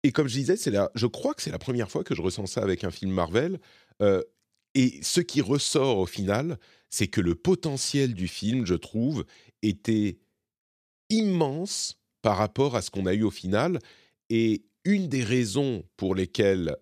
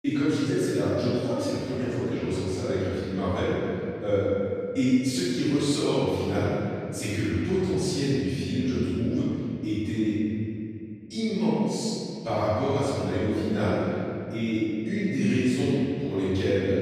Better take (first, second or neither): first